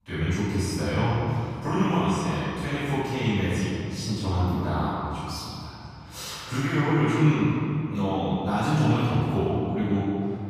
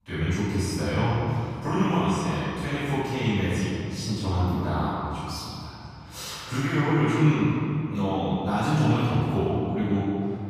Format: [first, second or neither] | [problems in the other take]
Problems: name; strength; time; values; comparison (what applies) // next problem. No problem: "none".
neither | room echo; strong; dies away in 2.6 s; the same in both // off-mic speech; far; the same in both